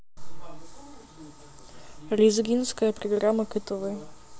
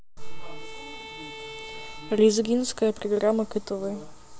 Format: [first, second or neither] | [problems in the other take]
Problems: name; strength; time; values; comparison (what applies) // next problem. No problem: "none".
first | background sound (Bowed string instrument); 17 dB below the speech